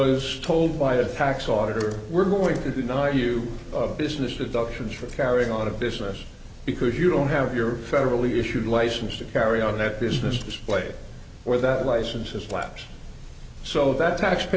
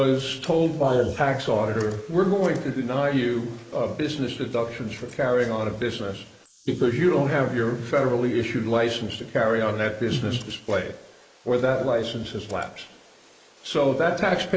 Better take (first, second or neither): first